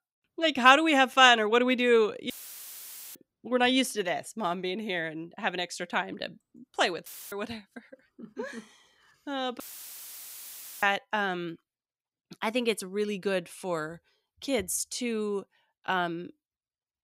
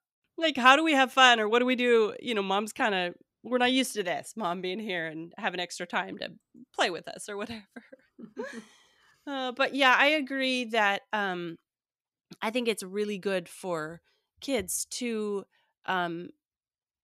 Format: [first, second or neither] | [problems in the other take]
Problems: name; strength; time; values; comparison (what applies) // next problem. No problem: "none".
second | audio cutting out; filled with static; at 2.5 s for 1 s, at 7 s and at 9.5 s for 1 s